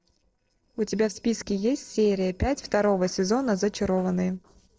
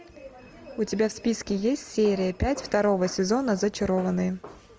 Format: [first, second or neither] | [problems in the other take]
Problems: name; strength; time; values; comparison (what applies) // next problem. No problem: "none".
second | noise reduction (neural separator model SepFormer DNS4)